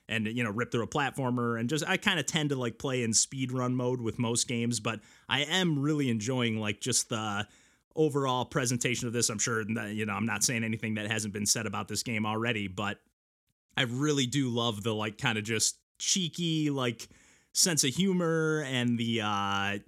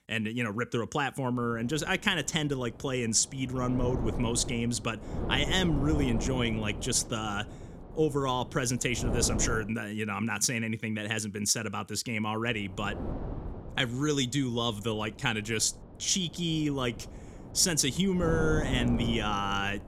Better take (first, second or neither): first